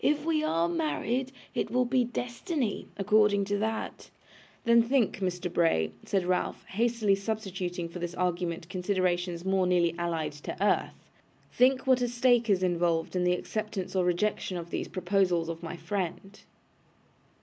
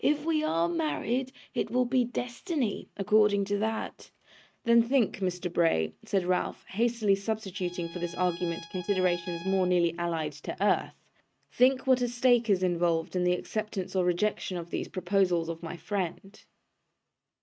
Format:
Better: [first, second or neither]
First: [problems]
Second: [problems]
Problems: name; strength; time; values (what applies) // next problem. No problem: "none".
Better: first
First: none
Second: noise reduction (neural mask model RNNoise)